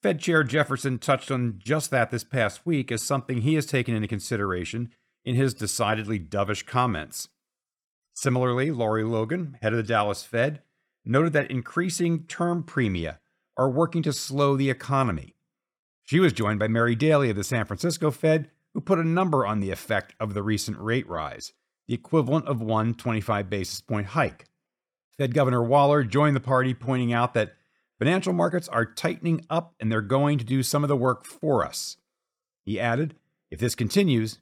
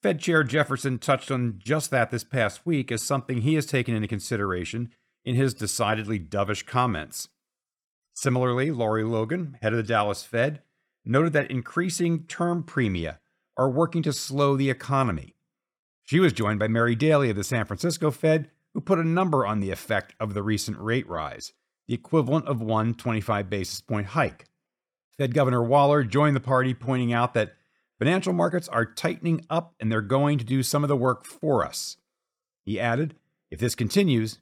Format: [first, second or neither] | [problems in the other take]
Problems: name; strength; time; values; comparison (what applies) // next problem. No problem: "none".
neither | none